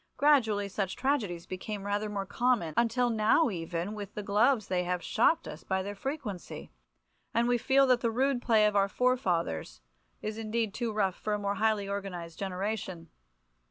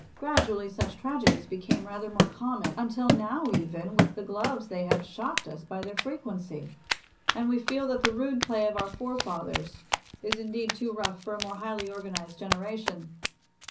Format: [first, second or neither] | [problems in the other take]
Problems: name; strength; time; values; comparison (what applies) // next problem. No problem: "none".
first | background sound (Run); 1 dB above the speech // room echo; dies away in 0.5 s